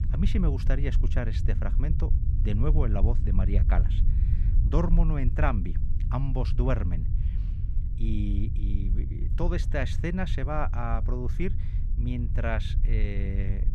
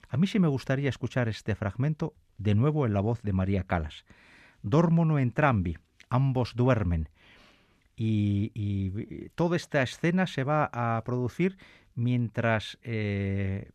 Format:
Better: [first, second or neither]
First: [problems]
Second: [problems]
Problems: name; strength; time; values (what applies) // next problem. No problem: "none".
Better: second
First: low rumble; noticeable; throughout; 10 dB below the speech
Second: none